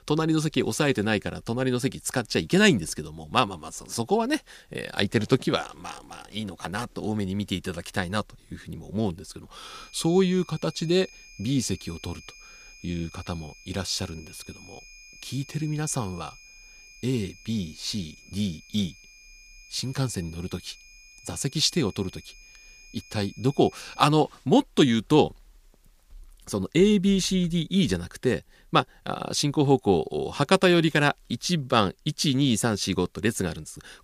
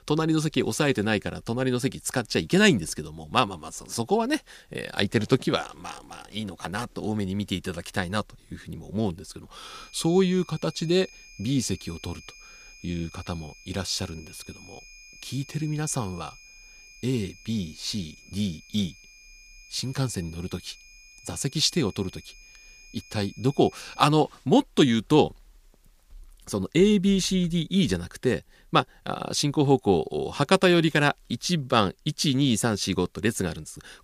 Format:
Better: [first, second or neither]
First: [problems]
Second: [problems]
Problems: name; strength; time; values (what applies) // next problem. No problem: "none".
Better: neither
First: high-pitched whine; faint; from 9.5 to 24 s; 2.5 kHz, 20 dB below the speech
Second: high-pitched whine; faint; from 9.5 to 24 s; 2.5 kHz, 20 dB below the speech